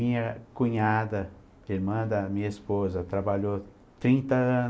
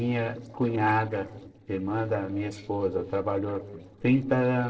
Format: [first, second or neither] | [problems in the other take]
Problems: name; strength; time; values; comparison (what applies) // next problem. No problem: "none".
first | noise reduction (neural separator model SepFormer DNS4)